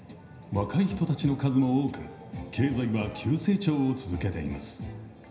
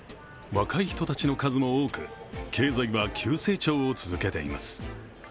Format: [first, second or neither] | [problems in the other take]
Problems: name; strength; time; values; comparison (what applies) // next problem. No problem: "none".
second | room echo; dies away in 0.9 s